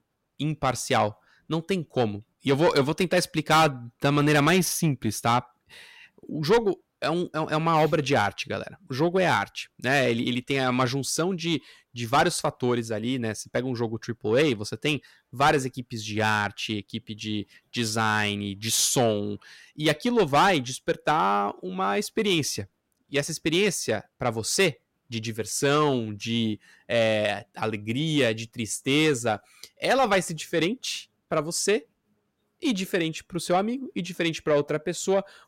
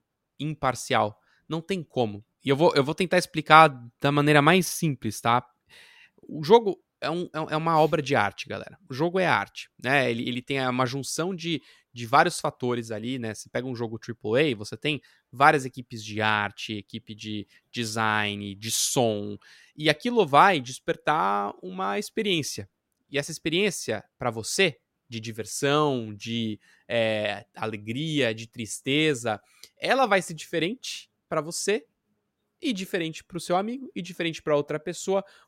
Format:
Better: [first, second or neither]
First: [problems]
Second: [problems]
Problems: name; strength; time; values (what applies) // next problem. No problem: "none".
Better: second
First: distortion; heavy; 8 dB below the speech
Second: none